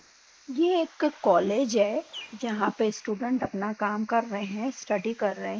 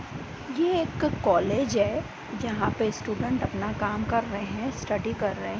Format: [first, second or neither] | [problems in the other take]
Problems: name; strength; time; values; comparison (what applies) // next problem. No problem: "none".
second | noise reduction (neural mask model Resemble Enhance denoiser)